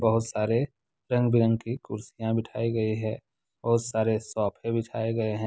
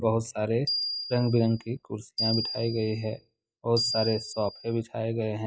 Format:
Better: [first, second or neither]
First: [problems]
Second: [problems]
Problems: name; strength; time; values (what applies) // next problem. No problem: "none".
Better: first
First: none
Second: noise reduction (classical method log-MMSE)